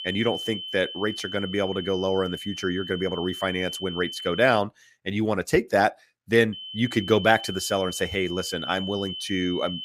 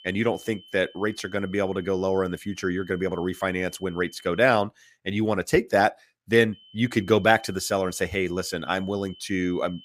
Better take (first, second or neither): second